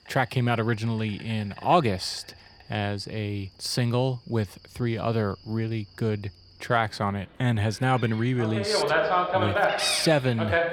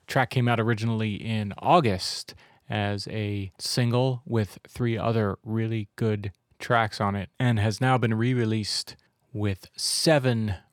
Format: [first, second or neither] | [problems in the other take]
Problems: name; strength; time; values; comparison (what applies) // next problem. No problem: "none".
second | animal sounds; very loud; throughout; 1 dB above the speech